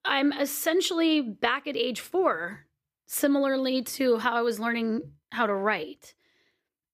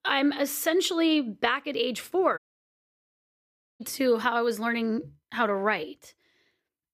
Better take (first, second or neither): first